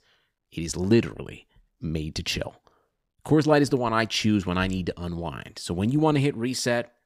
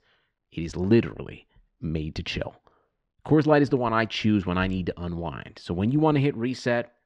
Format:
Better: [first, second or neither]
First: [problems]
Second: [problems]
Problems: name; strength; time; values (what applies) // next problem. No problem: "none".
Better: first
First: none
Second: muffled; slightly; fading above 3 kHz